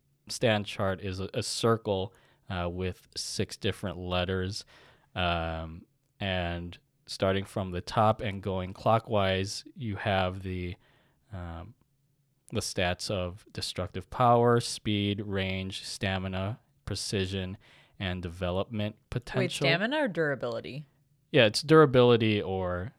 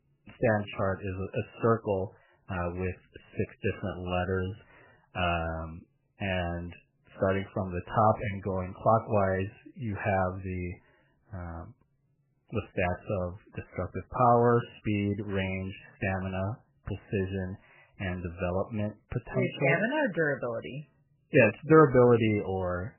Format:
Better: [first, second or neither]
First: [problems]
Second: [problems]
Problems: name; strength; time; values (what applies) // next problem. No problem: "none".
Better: first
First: none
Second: garbled, watery; badly; nothing above 3 kHz